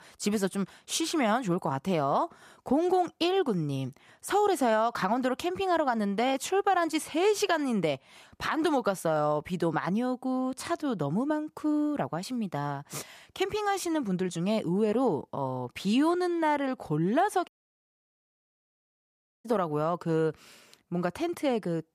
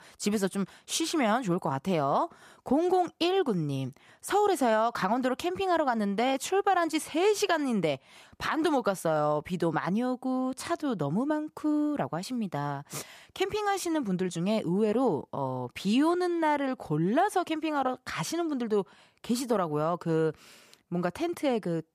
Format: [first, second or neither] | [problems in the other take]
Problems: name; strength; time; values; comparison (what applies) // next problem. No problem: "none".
second | audio cutting out; at 17 s for 2 s